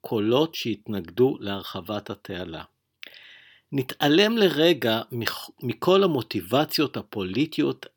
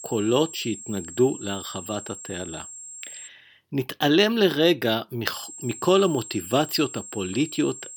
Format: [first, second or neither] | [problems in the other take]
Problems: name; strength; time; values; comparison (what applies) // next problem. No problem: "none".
first | high-pitched whine; noticeable; until 3.5 s and from 5.5 s on; 7.5 kHz, 15 dB below the speech